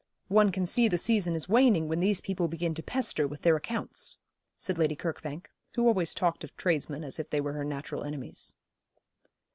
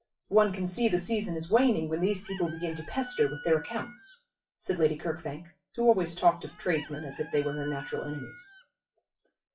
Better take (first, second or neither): first